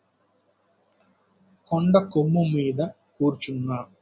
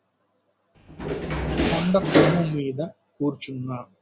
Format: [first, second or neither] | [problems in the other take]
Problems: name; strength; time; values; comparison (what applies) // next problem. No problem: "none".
first | background sound (Door); 4 dB above the speech